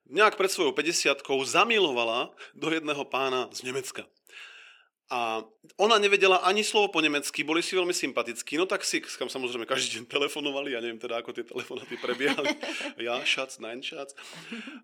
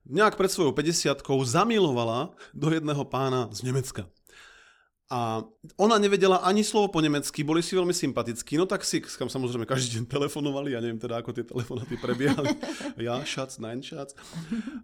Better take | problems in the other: second | thin; somewhat; fading below 400 Hz

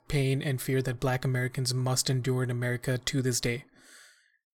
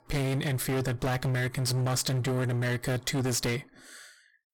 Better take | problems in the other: first | distortion; heavy; 27% of the sound clipped

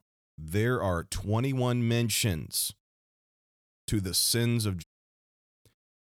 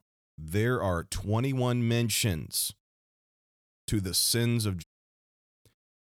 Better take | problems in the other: neither | audio cutting out; at 5 s for 0.5 s; the same in both

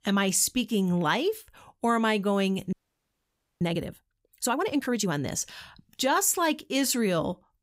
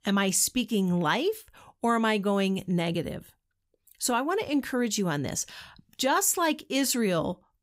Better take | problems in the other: second | audio freezing; at 2.5 s for 1 s

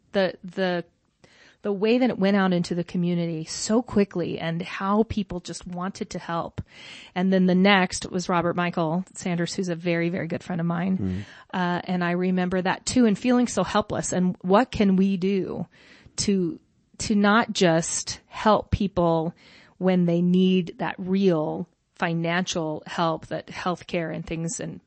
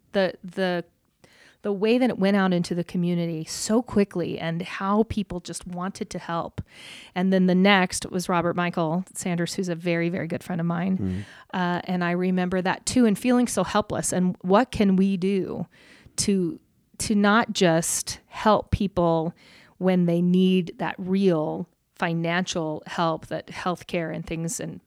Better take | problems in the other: second | garbled, watery; slightly; nothing above 8 kHz

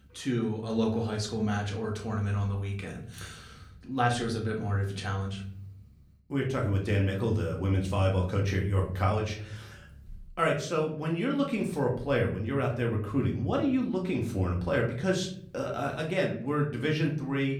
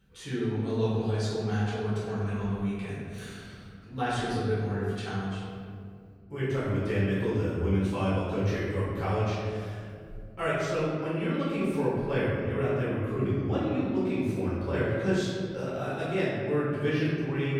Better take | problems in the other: first | room echo; strong; dies away in 2.1 s; slight in the first // off-mic speech; far; somewhat distant in the first

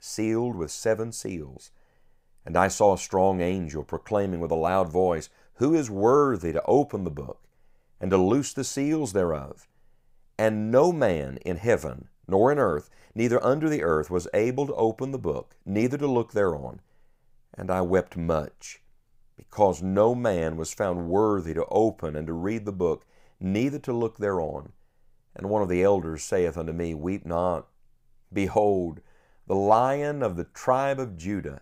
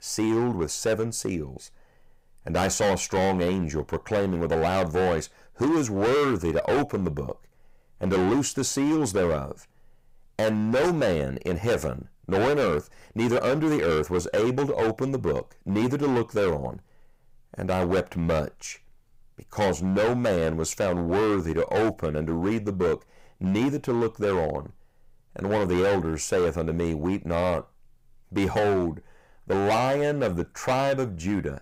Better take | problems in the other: first | distortion; heavy; 15% of the sound clipped

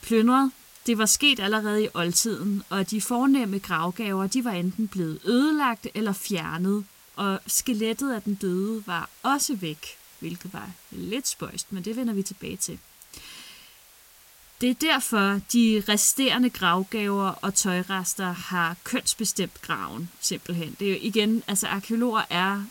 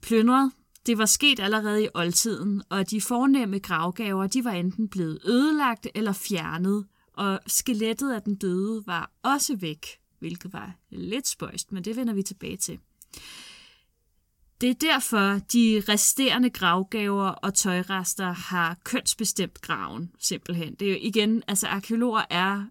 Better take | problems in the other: second | hiss; faint; throughout; 25 dB below the speech

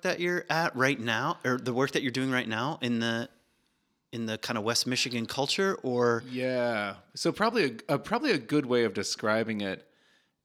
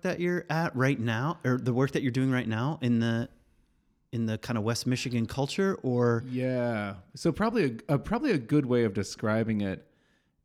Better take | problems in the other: second | thin; very slightly; fading below 550 Hz

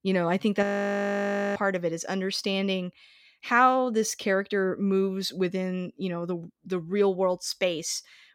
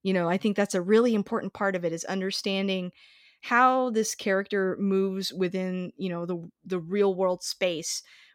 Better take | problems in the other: second | audio freezing; at 0.5 s for 1 s

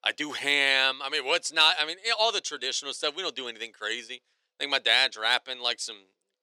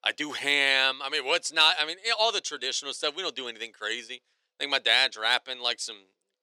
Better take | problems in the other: neither | thin; very; fading below 350 Hz; the same in both

